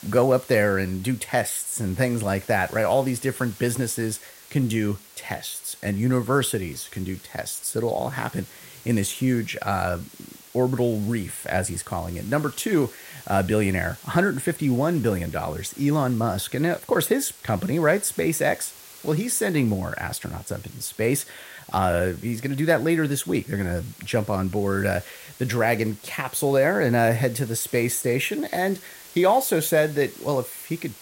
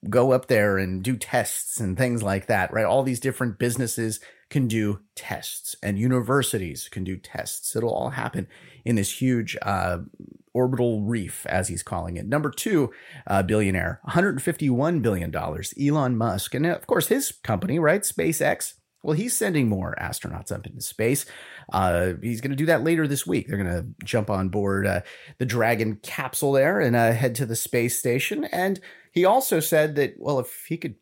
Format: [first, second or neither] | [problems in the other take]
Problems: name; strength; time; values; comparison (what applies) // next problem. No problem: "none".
second | hiss; noticeable; throughout; 20 dB below the speech